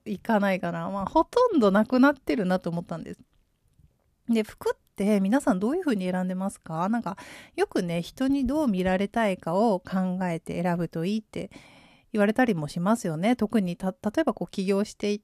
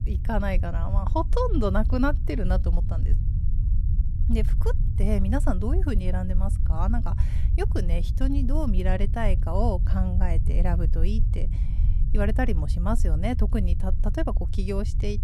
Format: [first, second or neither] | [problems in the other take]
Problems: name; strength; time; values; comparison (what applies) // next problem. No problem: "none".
first | low rumble; noticeable; throughout; 10 dB below the speech